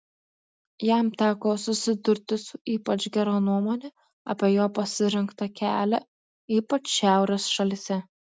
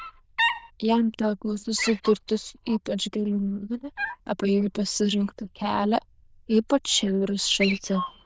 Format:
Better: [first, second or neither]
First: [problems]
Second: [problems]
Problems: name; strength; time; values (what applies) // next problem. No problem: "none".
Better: first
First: none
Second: noise reduction (neural diffusion model UNIVERSE++)